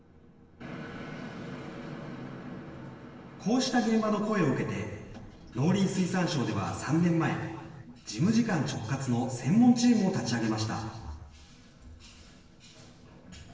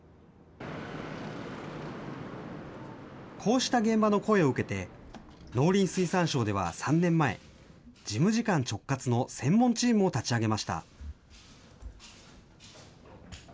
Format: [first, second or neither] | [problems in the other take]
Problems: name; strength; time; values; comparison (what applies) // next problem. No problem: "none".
second | room echo; dies away in 1.4 s